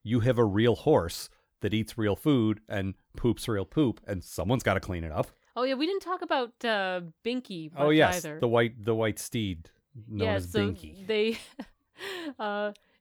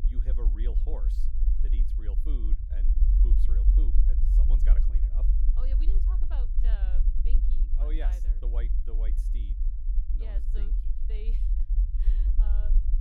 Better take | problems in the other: first | low rumble; loud; throughout; 1 dB below the speech

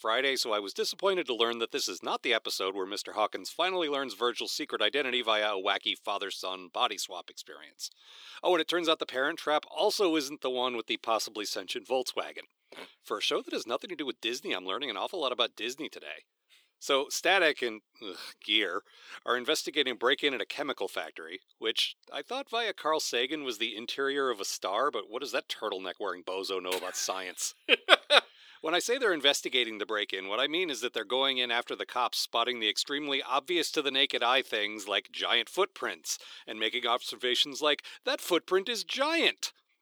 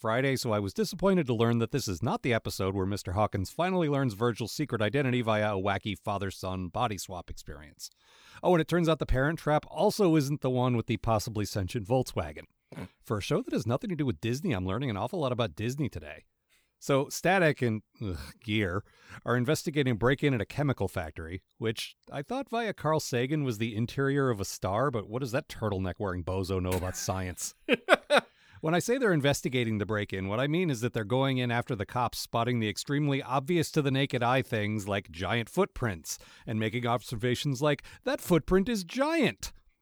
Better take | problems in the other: second | thin; somewhat; fading below 350 Hz

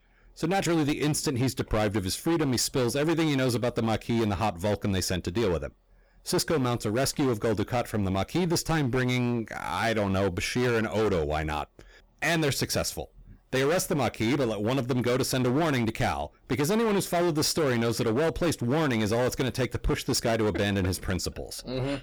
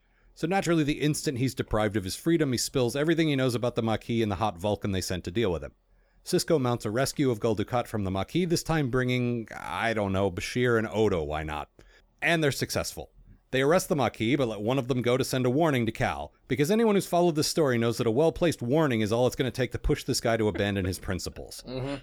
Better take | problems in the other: second | distortion; heavy; 18% of the sound clipped

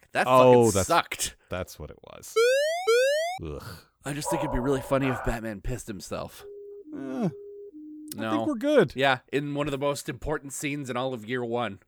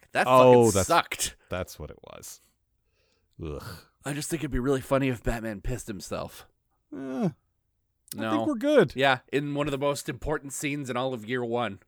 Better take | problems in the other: second | siren; loud; from 2.5 to 3.5 s; peak 4 dB above the speech // dog barking; noticeable; from 4 to 5.5 s; peak 5 dB below the speech // siren; faint; from 6.5 to 8 s; peak 15 dB below the speech

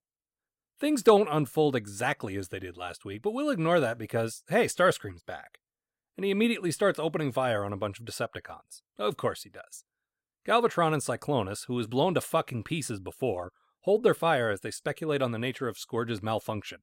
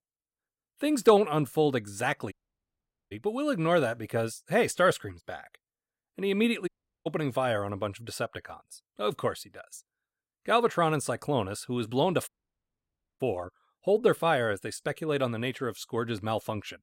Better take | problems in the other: first | audio cutting out; at 2.5 s for 1 s, at 6.5 s and at 12 s for 1 s

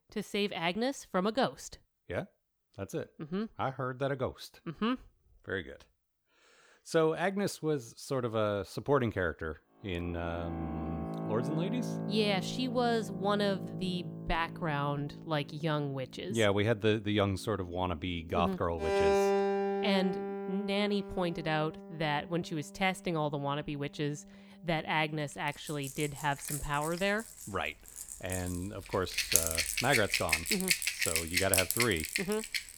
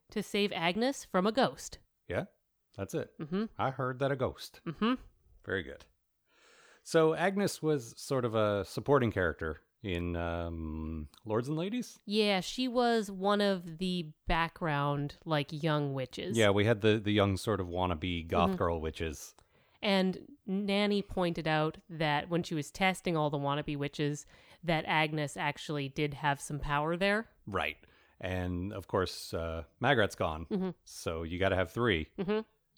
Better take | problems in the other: second | background music; very loud; from 11 s on; as loud as the speech

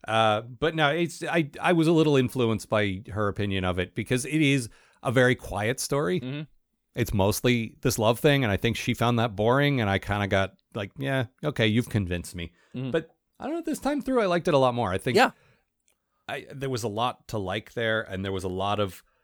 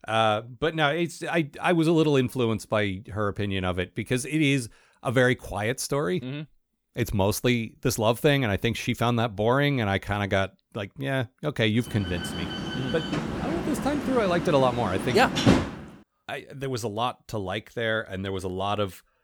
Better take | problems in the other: first | door banging; loud; from 12 to 16 s; peak 5 dB above the speech

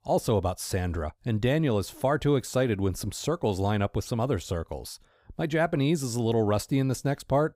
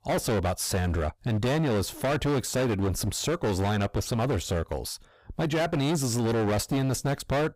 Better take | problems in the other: first | distortion; heavy; 26% of the sound clipped

